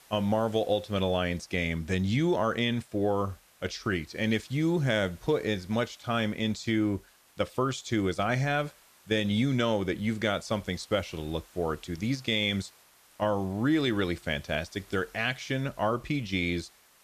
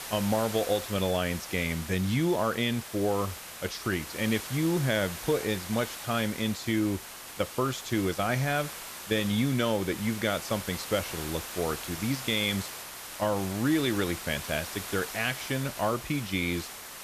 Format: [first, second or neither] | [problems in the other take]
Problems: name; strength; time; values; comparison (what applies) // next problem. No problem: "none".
first | hiss; loud; throughout; 9 dB below the speech; faint in the first